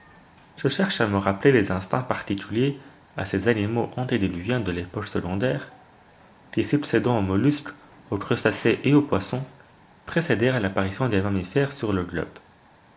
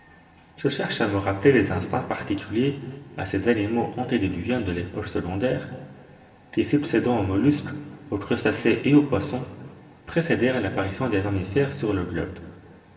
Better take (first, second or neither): first